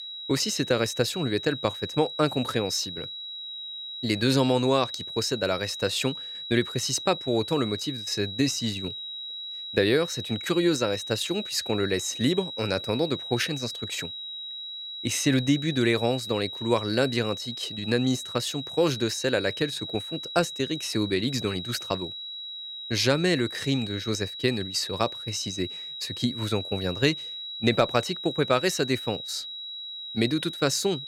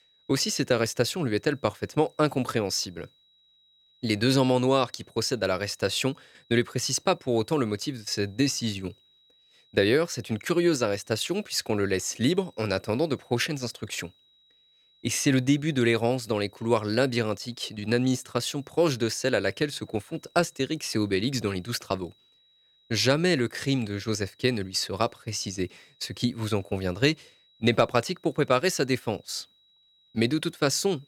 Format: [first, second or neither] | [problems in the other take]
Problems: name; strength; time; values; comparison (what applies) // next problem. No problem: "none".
second | high-pitched whine; loud; throughout; 4 kHz, 7 dB below the speech; faint in the second